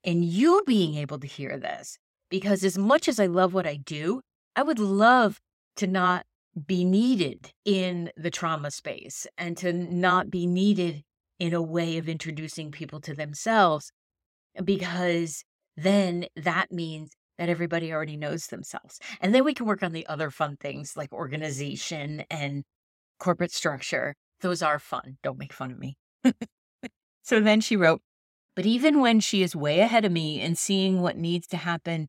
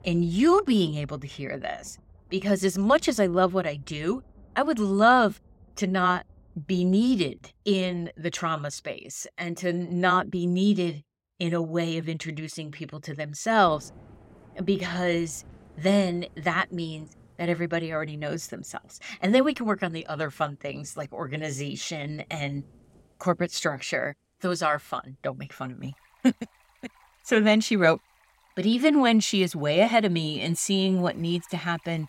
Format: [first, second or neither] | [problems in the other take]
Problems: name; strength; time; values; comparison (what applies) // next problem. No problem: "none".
first | rain or running water; faint; throughout; 30 dB below the speech